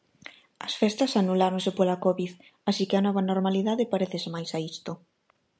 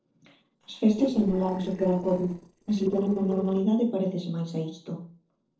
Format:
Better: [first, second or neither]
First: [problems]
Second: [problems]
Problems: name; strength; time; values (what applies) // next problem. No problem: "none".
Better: first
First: none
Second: noise reduction (neural separator model SepFormer DNS4)